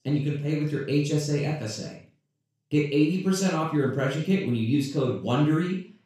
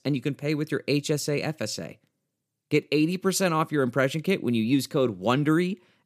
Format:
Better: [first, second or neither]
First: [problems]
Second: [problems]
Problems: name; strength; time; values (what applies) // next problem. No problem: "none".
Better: second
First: room echo; noticeable; dies away in 0.4 s // off-mic speech; far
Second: none